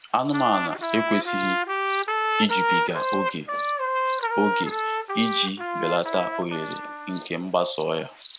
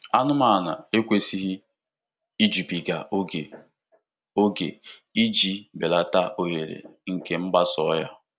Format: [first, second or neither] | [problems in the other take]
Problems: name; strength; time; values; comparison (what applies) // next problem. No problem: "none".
second | background sound (Trumpet + Cricket); as loud as the speech